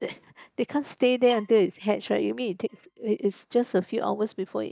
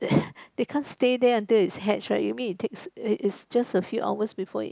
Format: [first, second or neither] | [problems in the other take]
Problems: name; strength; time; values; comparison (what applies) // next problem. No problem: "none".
second | noise reduction (neural mask model DeepFilterNet 3)